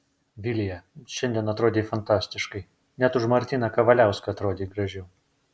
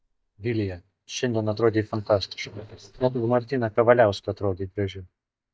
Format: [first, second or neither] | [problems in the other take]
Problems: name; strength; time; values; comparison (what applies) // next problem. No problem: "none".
first | noise reduction (neural mask model DeepFilterNet 3)